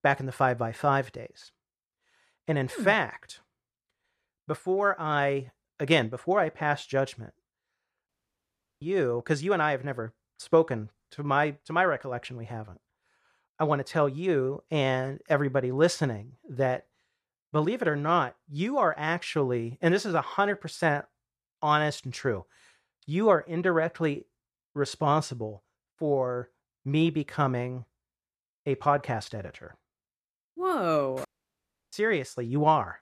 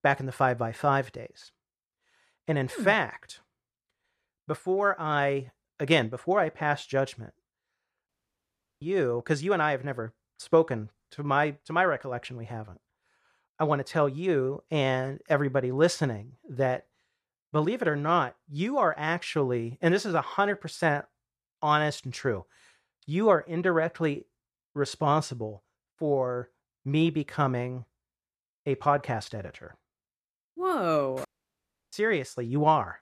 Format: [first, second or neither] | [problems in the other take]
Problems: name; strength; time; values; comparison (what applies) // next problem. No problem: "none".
neither | audio cutting out; at 8 s for 0.5 s and at 31 s for 0.5 s; the same in both